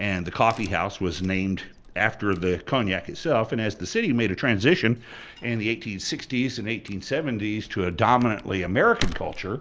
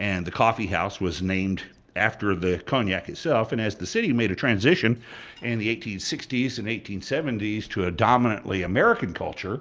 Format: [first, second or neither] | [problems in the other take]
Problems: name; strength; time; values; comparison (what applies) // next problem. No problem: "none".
second | background sound (Tearing / Wood); 15 dB below the speech